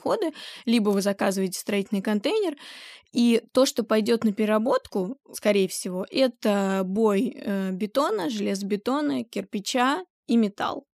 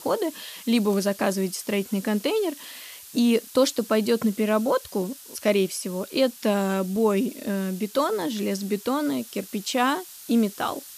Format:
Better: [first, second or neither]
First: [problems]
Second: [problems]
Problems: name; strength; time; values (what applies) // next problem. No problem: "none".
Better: first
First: none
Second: hiss; noticeable; throughout; 15 dB below the speech